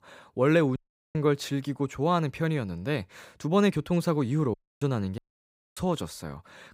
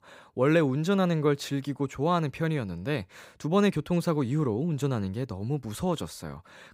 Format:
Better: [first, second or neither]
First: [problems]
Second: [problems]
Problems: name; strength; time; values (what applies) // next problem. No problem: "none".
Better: second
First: audio cutting out; at 1 s, at 4.5 s and at 5 s for 0.5 s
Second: none